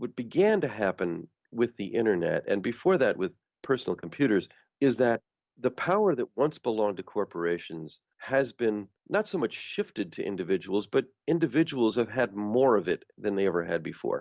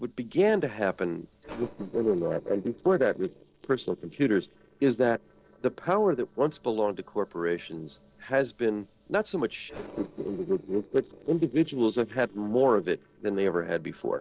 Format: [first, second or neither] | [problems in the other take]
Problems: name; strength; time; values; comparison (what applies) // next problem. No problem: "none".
first | noise reduction (neural separator model SepFormer DNS4)